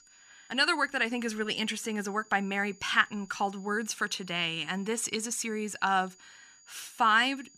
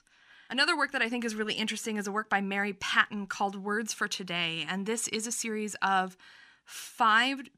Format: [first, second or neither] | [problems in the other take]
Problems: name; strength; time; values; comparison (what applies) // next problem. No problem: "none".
second | high-pitched whine; faint; throughout; 7 kHz, 25 dB below the speech